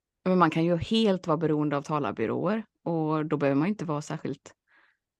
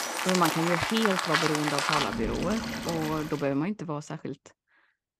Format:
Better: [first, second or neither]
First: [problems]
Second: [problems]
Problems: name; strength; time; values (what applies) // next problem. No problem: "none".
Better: first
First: none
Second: rain or running water; very loud; until 3 s; 1 dB above the speech